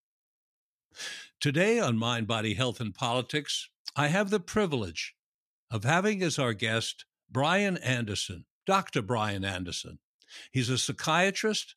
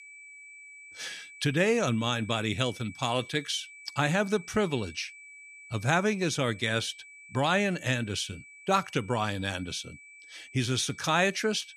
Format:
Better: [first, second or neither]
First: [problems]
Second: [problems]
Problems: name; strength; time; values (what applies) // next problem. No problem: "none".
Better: first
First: none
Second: high-pitched whine; noticeable; throughout; 2.5 kHz, 20 dB below the speech